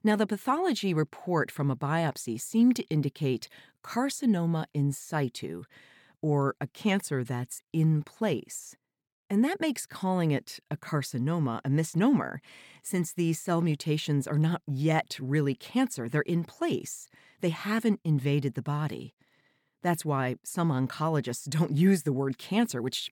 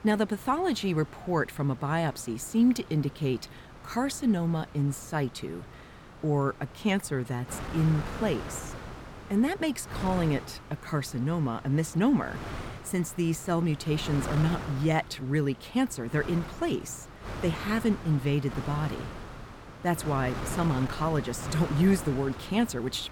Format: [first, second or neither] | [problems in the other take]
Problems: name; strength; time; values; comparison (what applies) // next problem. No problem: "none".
first | wind noise on the microphone; occasional gusts; 10 dB below the speech